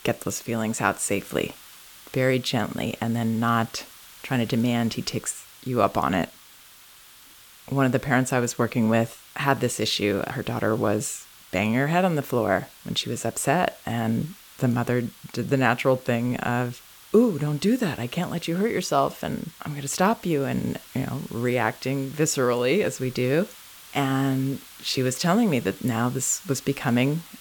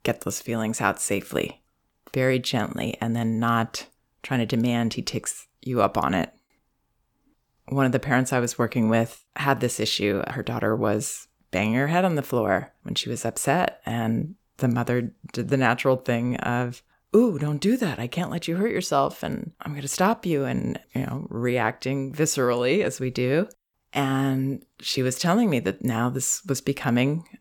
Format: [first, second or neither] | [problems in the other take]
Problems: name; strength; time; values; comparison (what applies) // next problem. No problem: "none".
second | hiss; faint; throughout; 20 dB below the speech